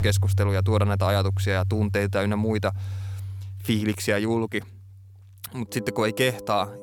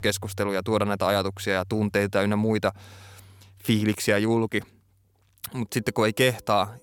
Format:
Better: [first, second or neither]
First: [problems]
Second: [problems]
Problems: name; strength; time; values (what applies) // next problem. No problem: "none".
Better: second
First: background music; loud; throughout; 2 dB below the speech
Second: background music; faint; throughout; 20 dB below the speech